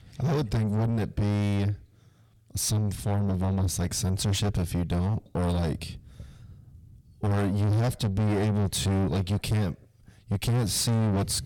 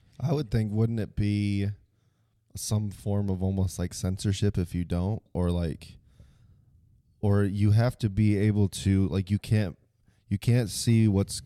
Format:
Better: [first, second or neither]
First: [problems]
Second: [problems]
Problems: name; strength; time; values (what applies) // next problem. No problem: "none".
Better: second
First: distortion; heavy; 5 dB below the speech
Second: none